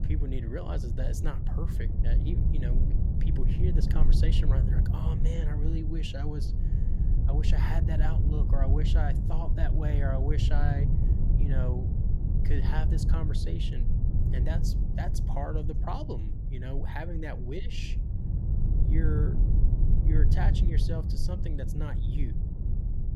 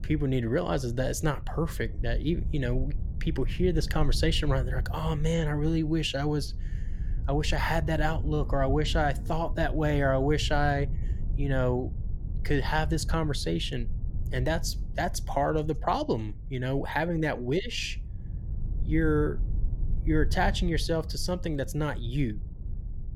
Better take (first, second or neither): second